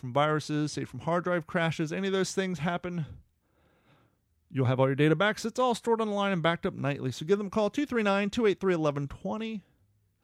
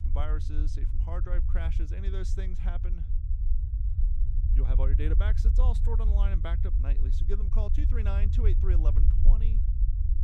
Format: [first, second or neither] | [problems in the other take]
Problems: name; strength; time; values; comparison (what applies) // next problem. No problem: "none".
first | low rumble; loud; throughout; 5 dB below the speech